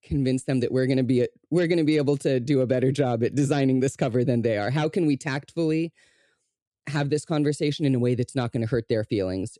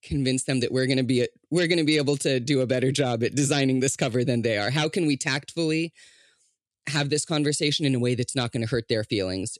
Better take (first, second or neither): second